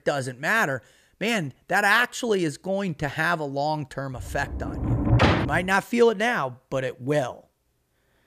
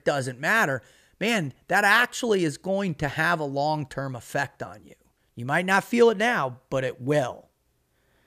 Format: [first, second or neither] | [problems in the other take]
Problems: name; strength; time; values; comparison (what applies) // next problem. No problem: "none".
second | door banging; loud; from 4 to 5.5 s; peak 5 dB above the speech